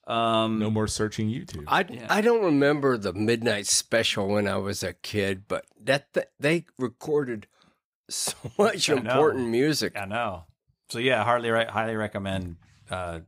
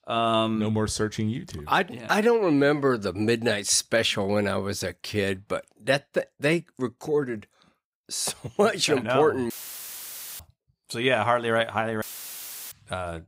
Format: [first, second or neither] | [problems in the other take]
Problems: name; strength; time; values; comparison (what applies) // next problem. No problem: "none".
first | audio cutting out; filled with static; at 9.5 s for 1 s and at 12 s for 0.5 s